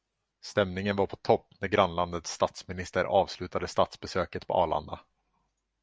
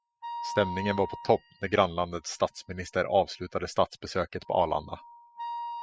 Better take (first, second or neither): first